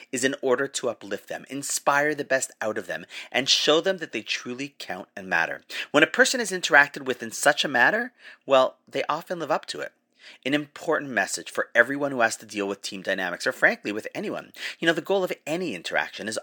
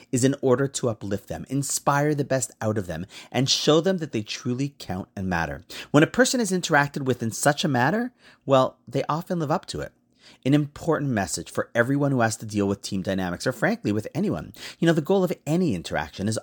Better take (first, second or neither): second